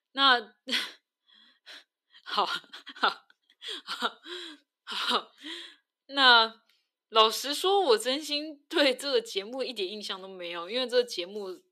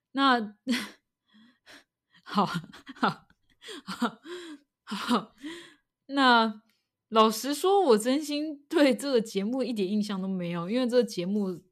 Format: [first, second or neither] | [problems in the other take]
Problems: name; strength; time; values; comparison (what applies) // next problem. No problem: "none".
second | thin; somewhat; fading below 350 Hz